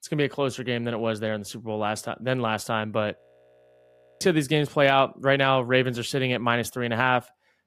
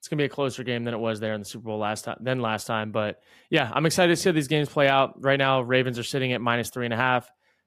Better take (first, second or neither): second